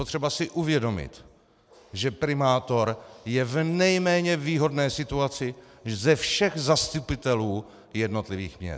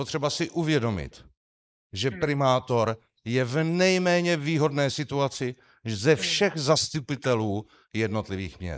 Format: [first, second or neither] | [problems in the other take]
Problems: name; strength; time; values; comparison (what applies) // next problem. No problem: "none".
first | noise reduction (neural mask model Resemble Enhance denoiser)